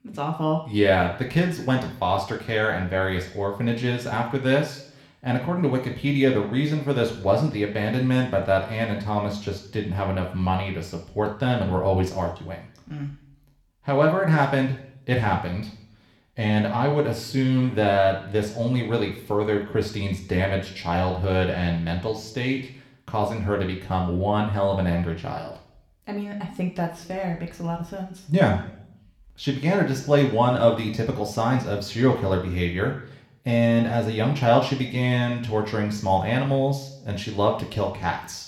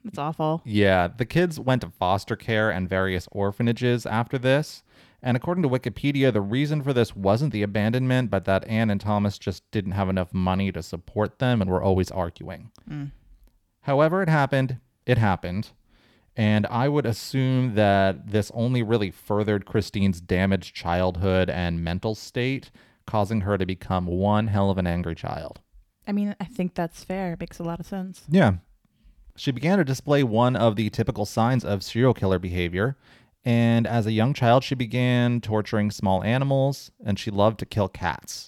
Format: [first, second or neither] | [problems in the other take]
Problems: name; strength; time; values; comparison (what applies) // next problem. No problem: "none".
second | room echo; slight; dies away in 0.6 s // off-mic speech; somewhat distant